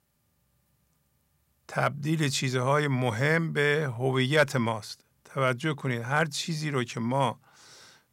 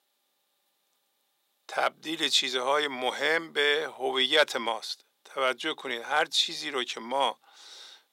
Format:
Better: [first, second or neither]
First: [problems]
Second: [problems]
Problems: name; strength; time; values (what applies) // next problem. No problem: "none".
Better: first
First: none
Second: thin; very; fading below 300 Hz